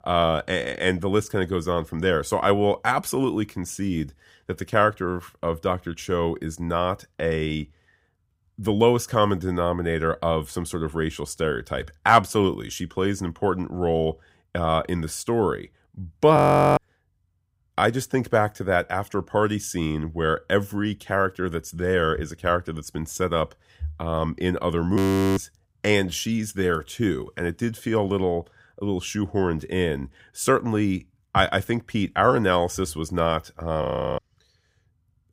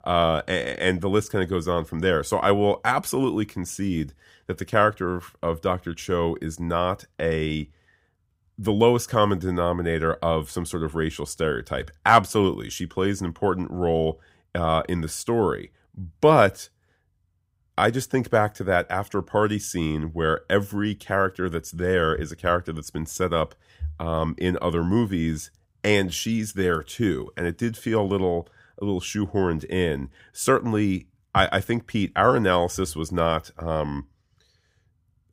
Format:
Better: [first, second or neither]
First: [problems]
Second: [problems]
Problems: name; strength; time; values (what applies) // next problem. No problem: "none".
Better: second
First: audio freezing; at 16 s, at 25 s and at 34 s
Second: none